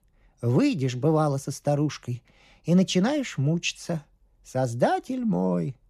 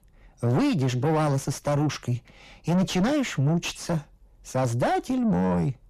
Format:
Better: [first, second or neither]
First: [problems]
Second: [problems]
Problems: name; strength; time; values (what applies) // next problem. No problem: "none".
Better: first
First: none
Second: distortion; heavy; 6 dB below the speech